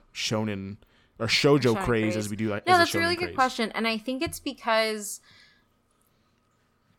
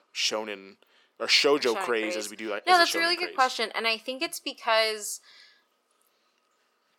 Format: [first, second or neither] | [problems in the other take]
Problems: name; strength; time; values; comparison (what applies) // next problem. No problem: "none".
first | thin; somewhat; fading below 400 Hz